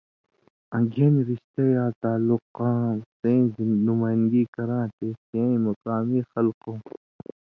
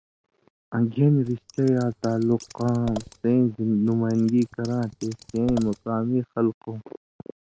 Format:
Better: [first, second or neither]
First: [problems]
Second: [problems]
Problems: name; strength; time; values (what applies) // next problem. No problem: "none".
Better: first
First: none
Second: background sound (Scissors); 18 dB below the speech